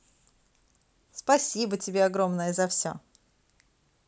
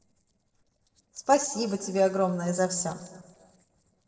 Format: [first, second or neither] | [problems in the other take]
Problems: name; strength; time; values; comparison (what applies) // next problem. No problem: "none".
first | noise reduction (neural separator model SepFormer DNS4)